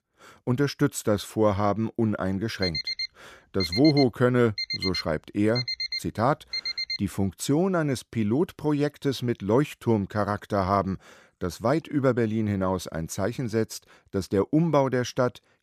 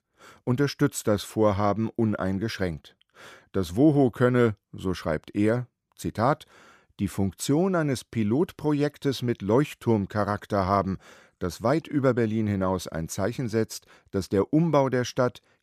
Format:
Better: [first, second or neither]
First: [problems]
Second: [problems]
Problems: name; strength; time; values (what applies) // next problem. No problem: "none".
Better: second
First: alarm; noticeable; from 2.5 to 7 s; peak 2 dB below the speech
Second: none